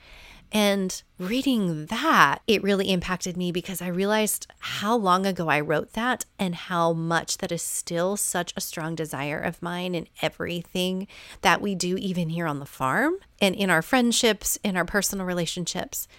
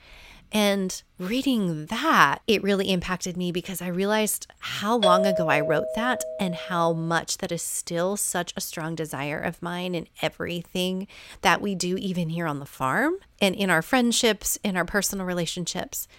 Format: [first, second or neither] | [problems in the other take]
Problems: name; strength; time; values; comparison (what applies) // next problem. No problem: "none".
first | doorbell; loud; from 5 to 6.5 s; peak 3 dB above the speech